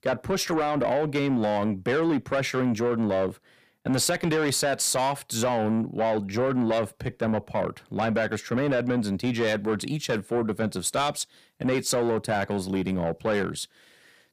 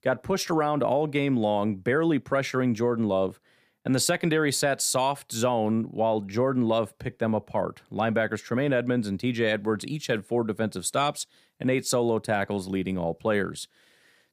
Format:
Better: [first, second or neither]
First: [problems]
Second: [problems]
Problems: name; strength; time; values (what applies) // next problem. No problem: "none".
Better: second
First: distortion; slight; 10 dB below the speech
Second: none